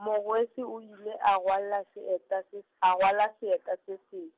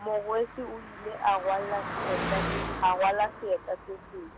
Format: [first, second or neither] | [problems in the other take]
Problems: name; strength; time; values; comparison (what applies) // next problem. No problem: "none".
first | background sound (Car passing by); 6 dB below the speech